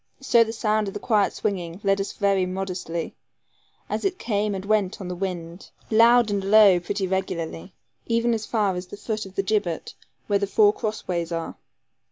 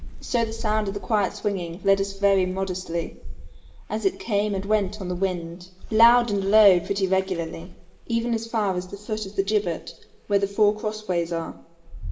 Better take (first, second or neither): first